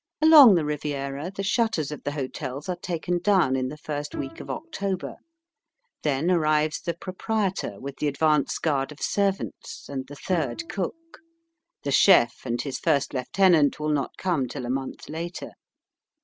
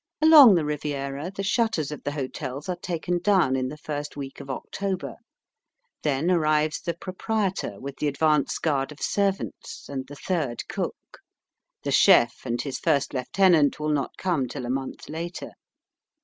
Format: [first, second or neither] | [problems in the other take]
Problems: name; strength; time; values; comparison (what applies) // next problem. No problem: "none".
second | background sound (Bowed string instrument); 18 dB below the speech